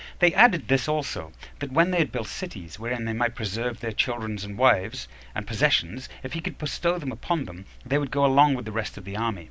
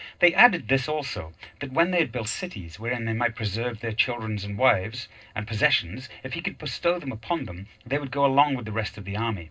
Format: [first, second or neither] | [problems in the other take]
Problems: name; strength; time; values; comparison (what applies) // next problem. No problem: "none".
first | noise reduction (neural separator model SepFormer DNS4)